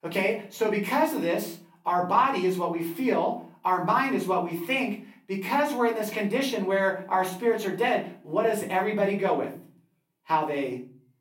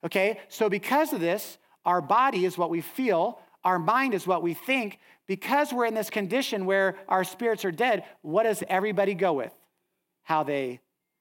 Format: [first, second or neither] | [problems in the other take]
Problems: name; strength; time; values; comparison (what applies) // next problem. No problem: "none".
second | off-mic speech; far // room echo; slight; dies away in 0.4 s